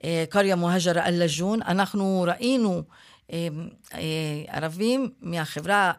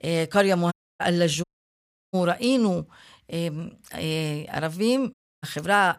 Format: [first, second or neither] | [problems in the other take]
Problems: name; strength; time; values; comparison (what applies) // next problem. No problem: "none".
first | audio cutting out; at 0.5 s, at 1.5 s for 0.5 s and at 5 s